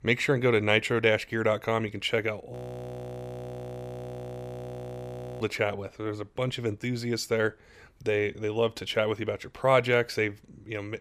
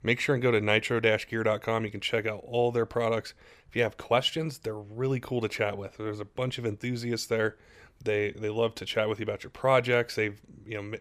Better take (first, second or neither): second